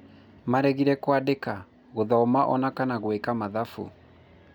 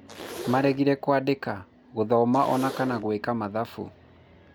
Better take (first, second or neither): first